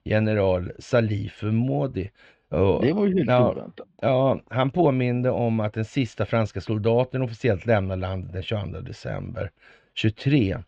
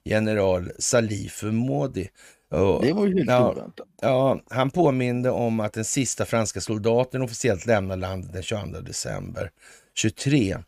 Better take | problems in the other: second | muffled; very; fading above 3.5 kHz

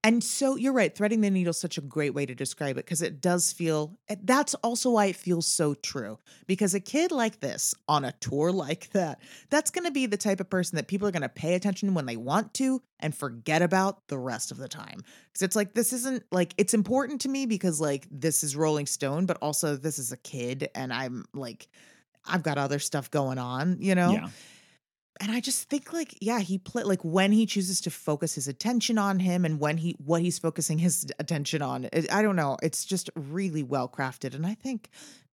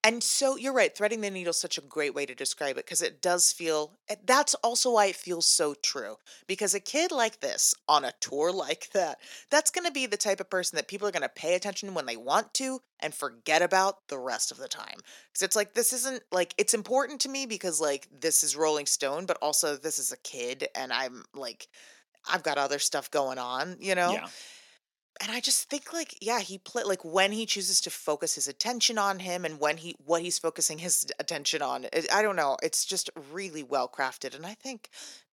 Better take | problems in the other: first | thin; very; fading below 550 Hz

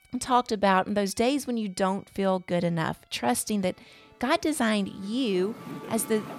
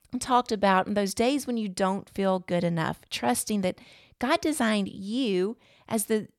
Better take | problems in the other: second | background music; noticeable; throughout; 20 dB below the speech

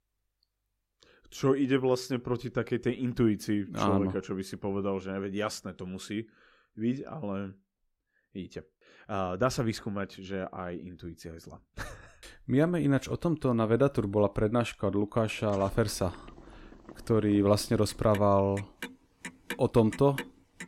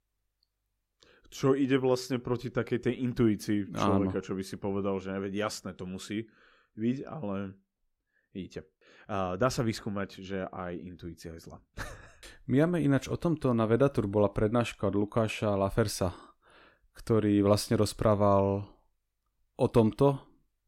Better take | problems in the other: second | household noises; noticeable; from 15 s on; 15 dB below the speech

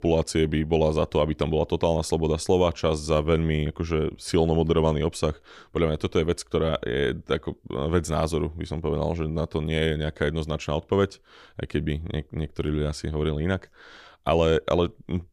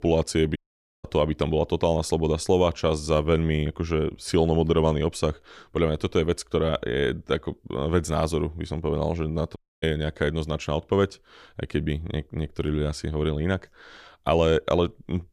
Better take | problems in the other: first | audio cutting out; at 0.5 s and at 9.5 s

